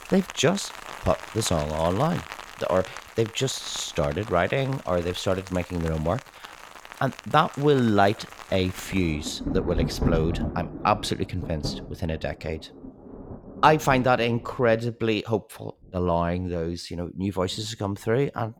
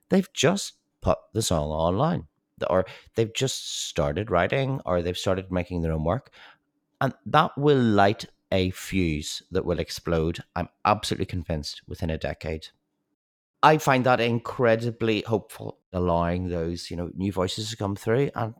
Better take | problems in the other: second | rain or running water; noticeable; throughout; 10 dB below the speech

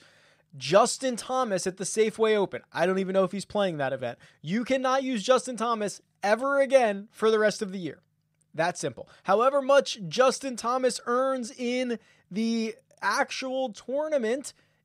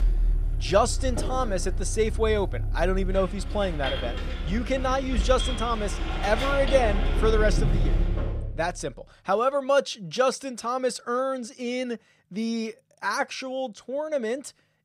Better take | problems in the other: first | traffic noise; loud; until 8 s; 3 dB below the speech

